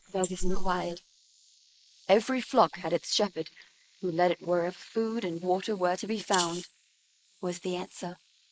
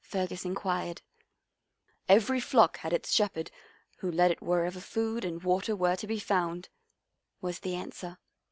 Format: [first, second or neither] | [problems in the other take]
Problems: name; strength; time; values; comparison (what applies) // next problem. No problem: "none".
second | noise reduction (neural mask model Resemble Enhance denoiser)